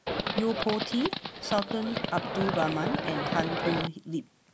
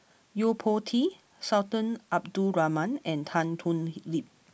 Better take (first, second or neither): second